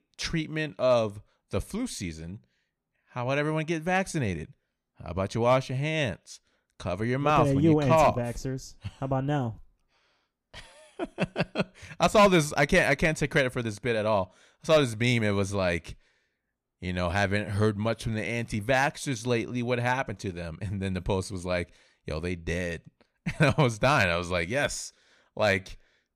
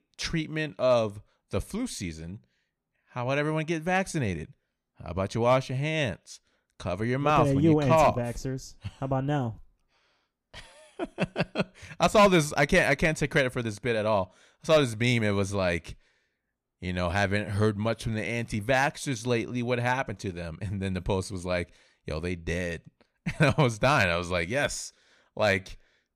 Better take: neither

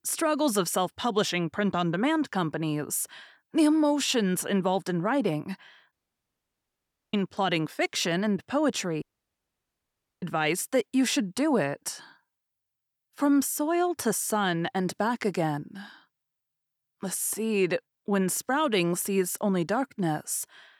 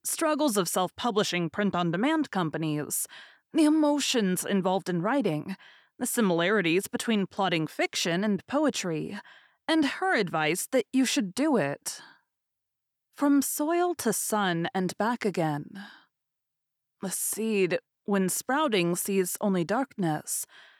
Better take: second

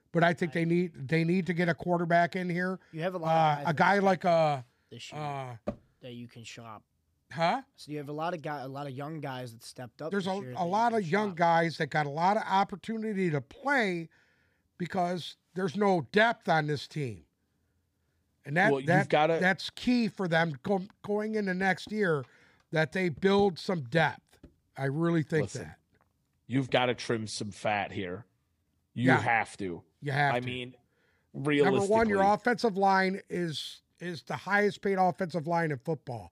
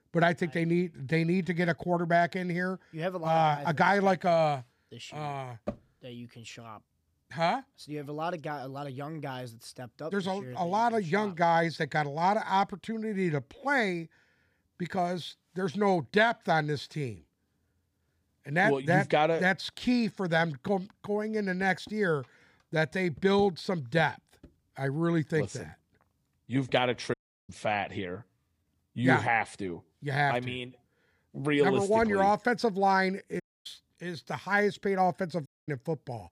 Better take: first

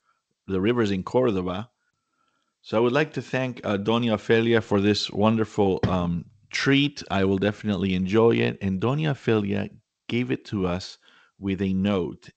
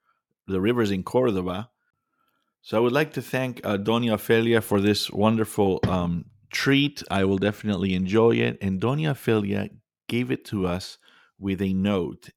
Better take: second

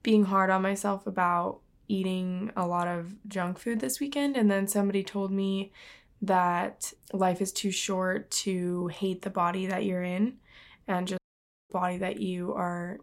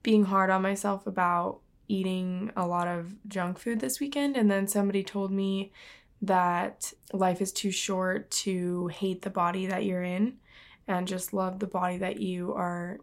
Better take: second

